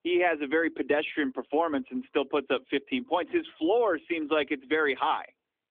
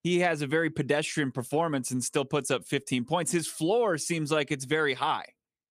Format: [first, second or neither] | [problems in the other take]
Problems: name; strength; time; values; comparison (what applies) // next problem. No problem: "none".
second | phone-call audio; nothing above 3.5 kHz